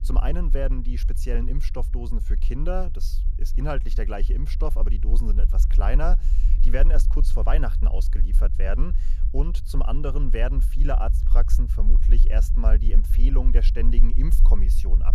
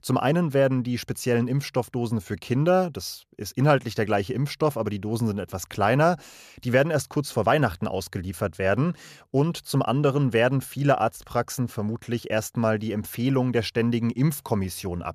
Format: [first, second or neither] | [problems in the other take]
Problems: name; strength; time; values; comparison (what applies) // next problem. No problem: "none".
second | low rumble; noticeable; throughout; 15 dB below the speech